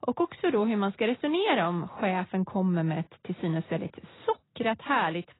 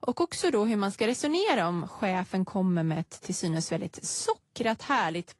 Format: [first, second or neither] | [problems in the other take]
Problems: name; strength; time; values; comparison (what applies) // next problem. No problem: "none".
second | garbled, watery; badly; nothing above 4 kHz; slightly in the second